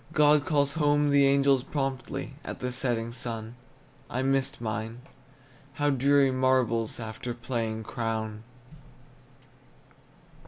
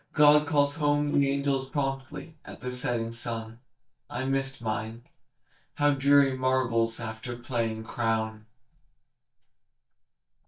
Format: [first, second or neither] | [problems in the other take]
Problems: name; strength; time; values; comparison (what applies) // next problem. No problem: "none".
first | noise reduction (neural mask model DeepFilterNet 3)